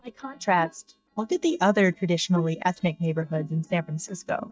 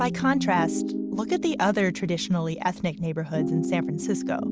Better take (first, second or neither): second